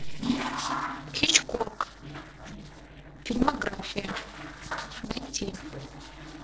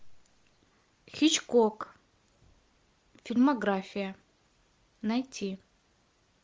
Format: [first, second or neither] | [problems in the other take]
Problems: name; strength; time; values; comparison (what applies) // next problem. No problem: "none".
second | noise reduction (neural separator model SepFormer DNS4)